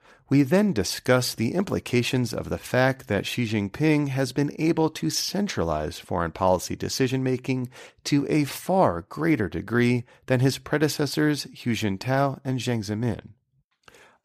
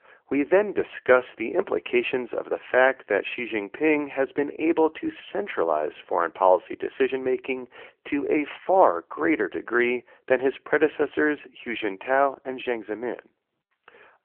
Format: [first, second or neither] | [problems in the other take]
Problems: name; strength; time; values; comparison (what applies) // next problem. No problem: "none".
first | phone-call audio